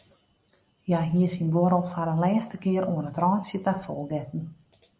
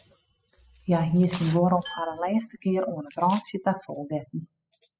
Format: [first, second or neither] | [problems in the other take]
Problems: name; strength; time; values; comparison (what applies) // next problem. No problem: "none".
first | noise reduction (classical method spectral subtraction)